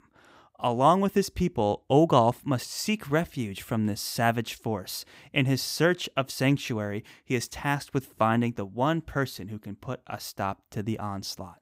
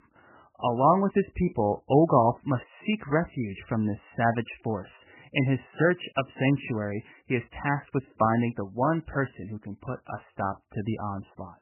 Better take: first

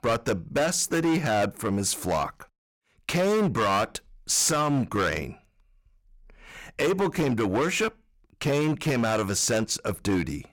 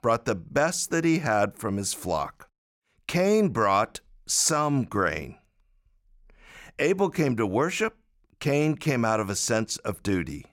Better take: second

